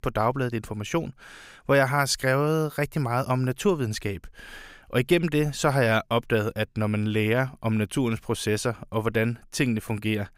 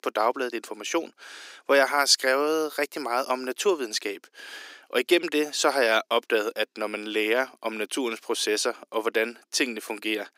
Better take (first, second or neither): first